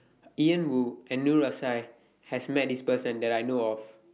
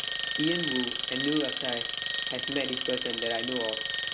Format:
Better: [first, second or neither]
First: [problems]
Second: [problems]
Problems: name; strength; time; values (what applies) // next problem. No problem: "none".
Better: first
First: none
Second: background sound (Alarm); 1 dB above the speech